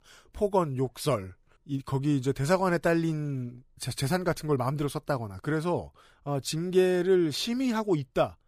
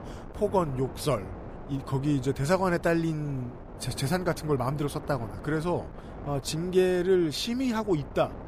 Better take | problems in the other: first | wind noise on the microphone; occasional gusts; 15 dB below the speech

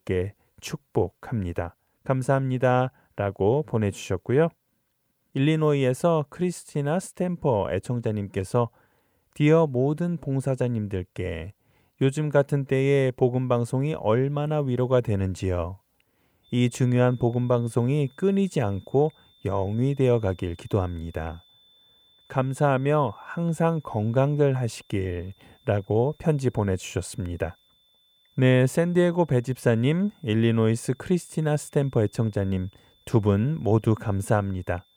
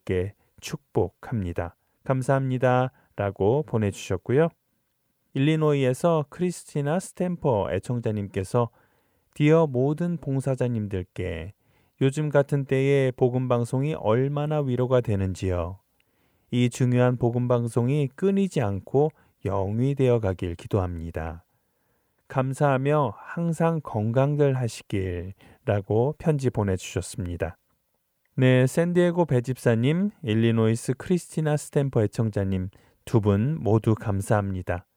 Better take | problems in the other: second | high-pitched whine; faint; from 16 s on; 3.5 kHz, 35 dB below the speech

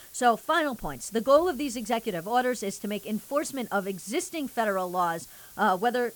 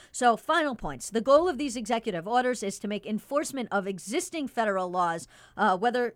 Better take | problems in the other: second | hiss; noticeable; throughout; 20 dB below the speech

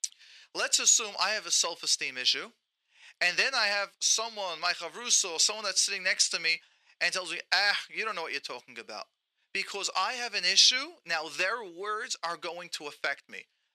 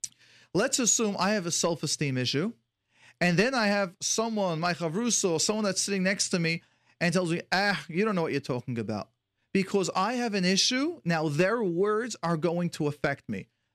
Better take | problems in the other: second | thin; very; fading below 800 Hz

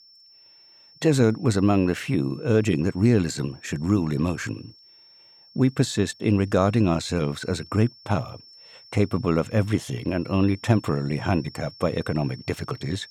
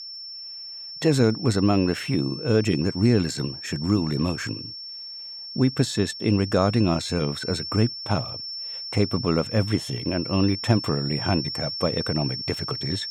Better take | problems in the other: first | high-pitched whine; loud; throughout; 5.5 kHz, 8 dB below the speech; faint in the first

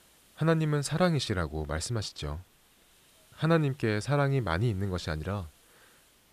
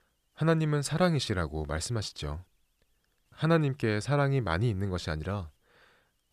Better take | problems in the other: second | hiss; faint; throughout; 30 dB below the speech

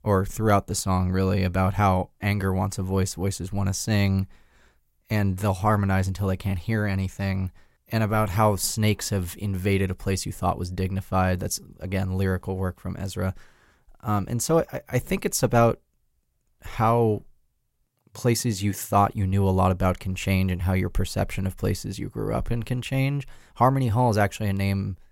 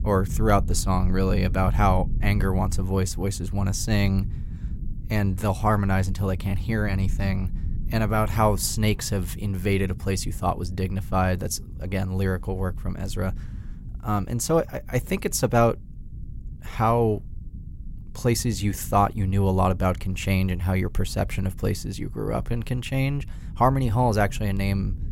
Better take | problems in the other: first | low rumble; faint; throughout; 20 dB below the speech

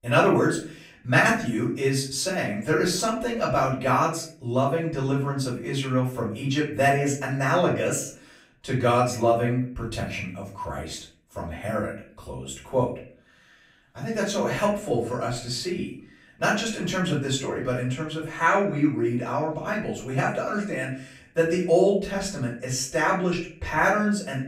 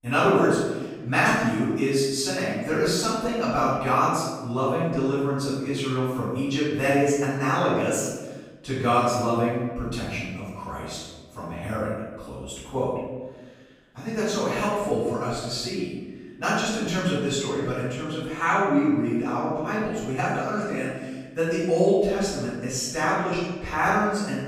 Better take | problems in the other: first | room echo; strong; dies away in 1.2 s; slight in the first // off-mic speech; far; far in the first

